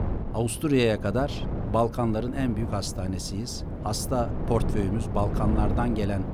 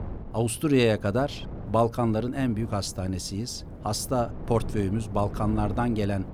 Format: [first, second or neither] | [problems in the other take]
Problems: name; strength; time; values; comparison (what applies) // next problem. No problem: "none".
second | wind noise on the microphone; heavy; 9 dB below the speech; occasional gusts in the second